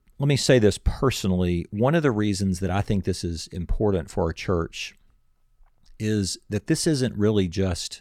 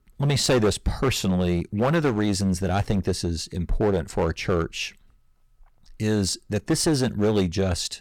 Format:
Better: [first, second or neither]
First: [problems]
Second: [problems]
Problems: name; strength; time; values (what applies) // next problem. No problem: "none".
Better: first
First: none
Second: distortion; heavy; 9% of the sound clipped